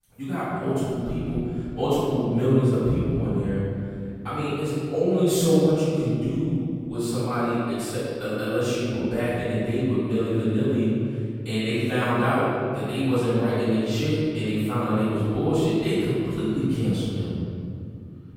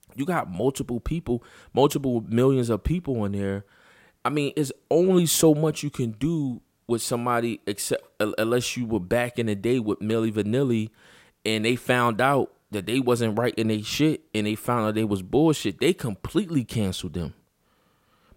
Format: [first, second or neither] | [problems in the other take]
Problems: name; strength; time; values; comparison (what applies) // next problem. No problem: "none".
second | off-mic speech; far // room echo; strong; dies away in 2.7 s